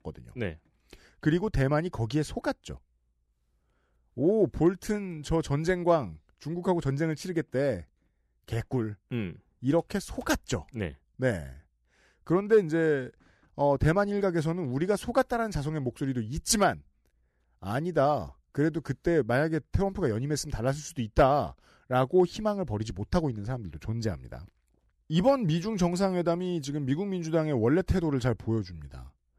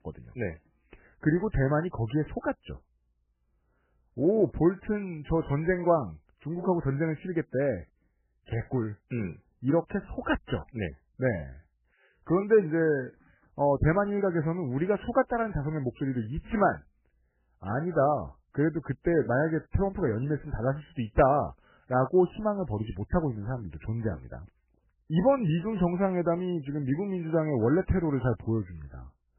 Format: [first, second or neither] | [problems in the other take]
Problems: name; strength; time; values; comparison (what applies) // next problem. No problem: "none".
first | garbled, watery; badly; nothing above 3 kHz